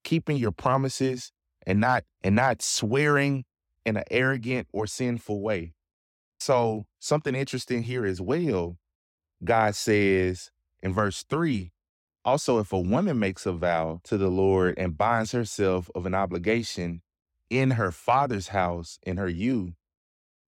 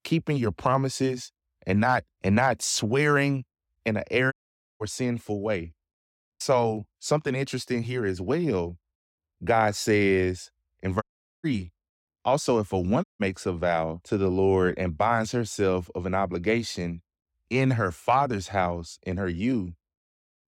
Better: first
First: none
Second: audio cutting out; at 4.5 s, at 11 s and at 13 s

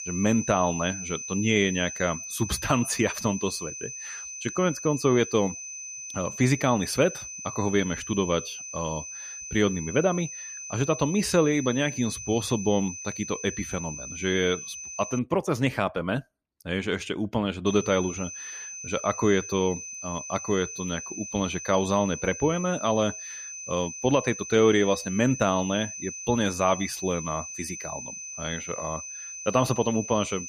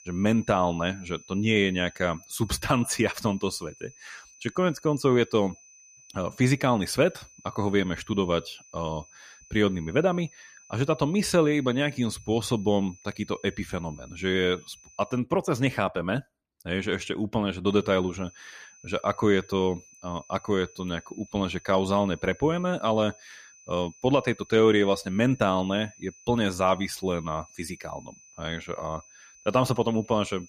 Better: second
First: high-pitched whine; loud; until 15 s and from 18 s on; 6 kHz, 9 dB below the speech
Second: high-pitched whine; faint; until 15 s and from 18 s on; 6 kHz, 25 dB below the speech

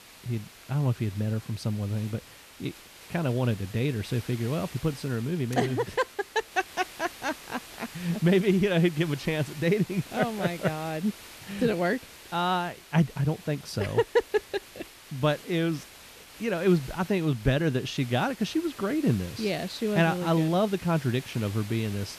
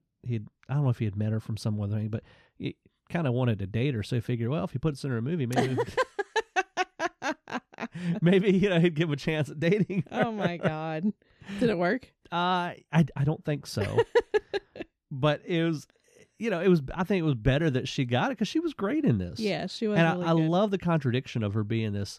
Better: second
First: hiss; noticeable; throughout; 15 dB below the speech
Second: none

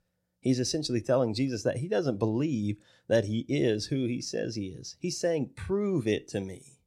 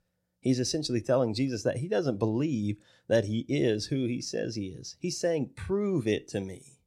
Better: neither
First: none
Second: none

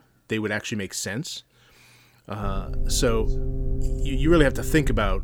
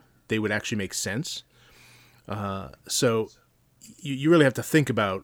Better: second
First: low rumble; noticeable; from 2.5 s on; 15 dB below the speech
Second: none

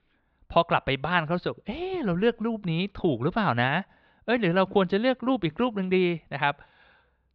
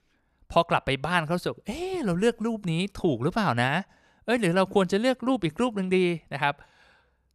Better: second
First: muffled; slightly; fading above 4 kHz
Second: none

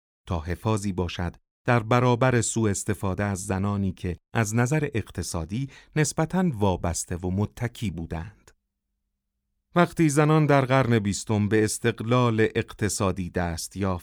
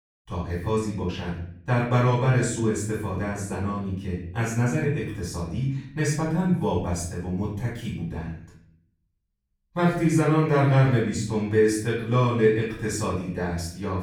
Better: first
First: none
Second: off-mic speech; far // room echo; noticeable; dies away in 0.6 s

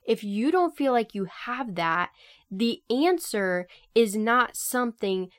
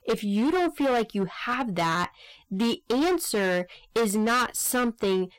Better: first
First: none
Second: distortion; heavy; 19% of the sound clipped

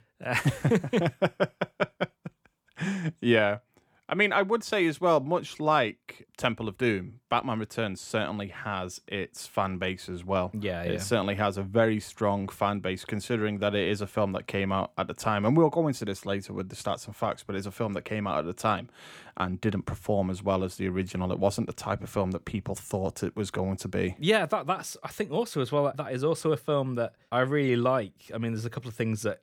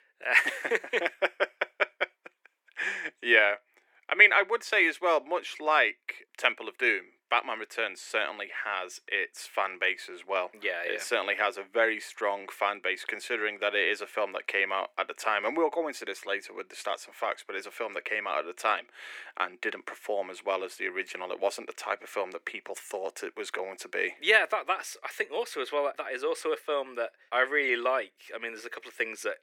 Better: first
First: none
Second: thin; very; fading below 350 Hz

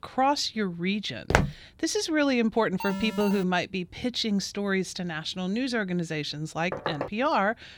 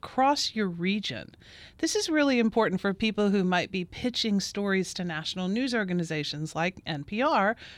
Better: second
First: footsteps; loud; at 1.5 s; peak 2 dB above the speech // alarm; noticeable; at 3 s; peak 6 dB below the speech // door banging; noticeable; at 6.5 s; peak 5 dB below the speech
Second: none

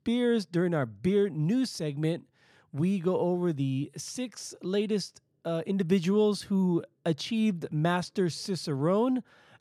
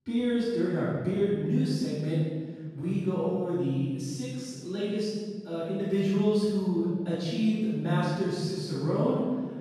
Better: first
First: none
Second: off-mic speech; far // room echo; strong; dies away in 1.4 s

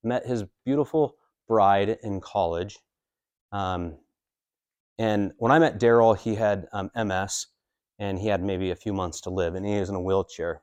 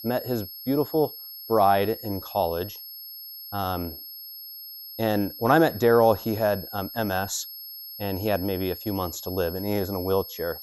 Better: first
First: none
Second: high-pitched whine; noticeable; throughout; 11.5 kHz, 10 dB below the speech

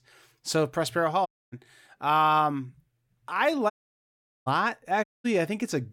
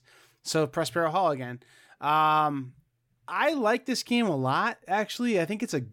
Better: second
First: audio cutting out; at 1.5 s, at 3.5 s for 1 s and at 5 s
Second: none

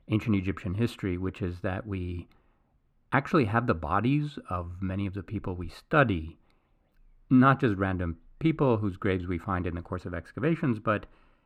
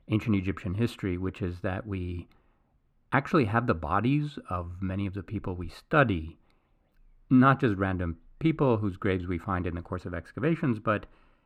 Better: neither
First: muffled; slightly; fading above 3.5 kHz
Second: muffled; slightly; fading above 3.5 kHz

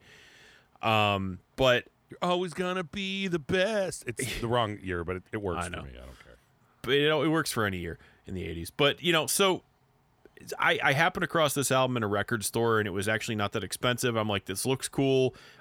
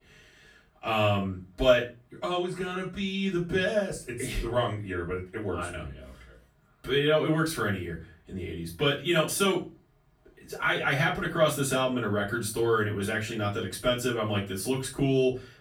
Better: first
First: none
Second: off-mic speech; far // room echo; slight; dies away in 0.3 s

